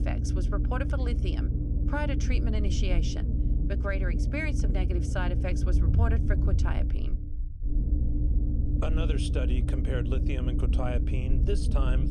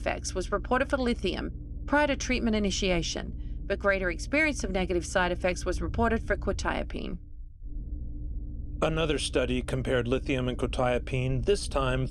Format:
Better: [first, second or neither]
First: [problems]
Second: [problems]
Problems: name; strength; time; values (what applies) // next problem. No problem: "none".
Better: second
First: low rumble; loud; throughout; 5 dB below the speech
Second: low rumble; faint; throughout; 25 dB below the speech